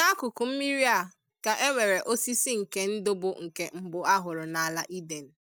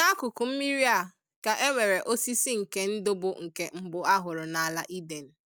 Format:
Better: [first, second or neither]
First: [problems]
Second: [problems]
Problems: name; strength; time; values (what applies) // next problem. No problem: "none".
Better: second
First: noise reduction (neural mask model DeepFilterNet 3)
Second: none